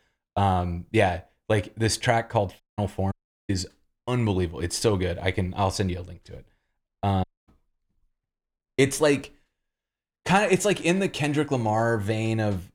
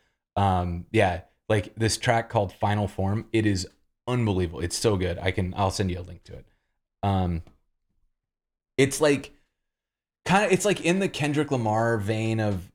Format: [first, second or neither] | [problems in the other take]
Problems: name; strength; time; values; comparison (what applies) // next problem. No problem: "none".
second | audio cutting out; at 2.5 s, at 3 s and at 7 s